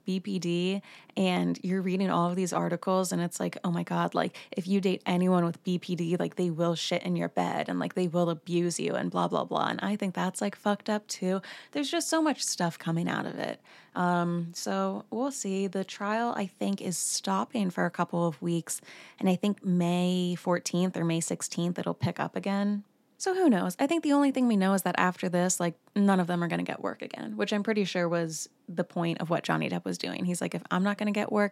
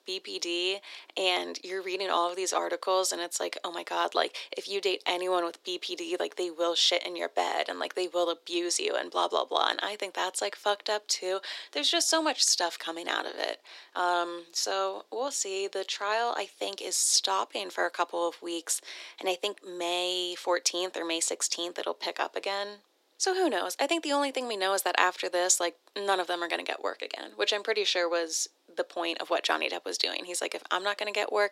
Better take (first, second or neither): first